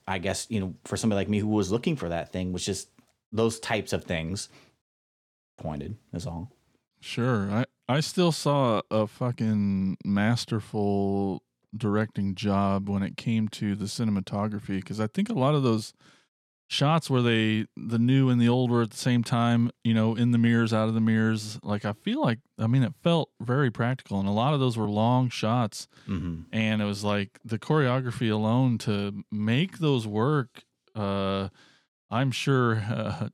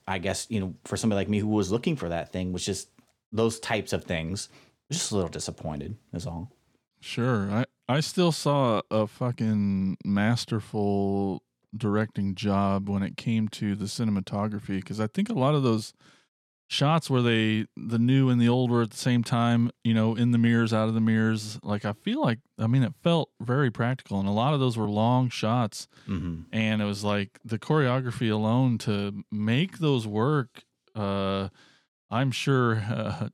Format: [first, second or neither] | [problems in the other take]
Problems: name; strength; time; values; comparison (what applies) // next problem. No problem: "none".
second | audio cutting out; at 5 s for 1 s